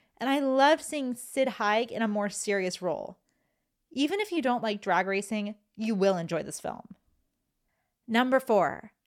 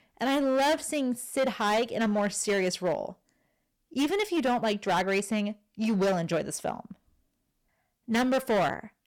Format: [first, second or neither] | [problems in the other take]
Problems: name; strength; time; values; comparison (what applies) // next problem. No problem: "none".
first | distortion; heavy; 11% of the sound clipped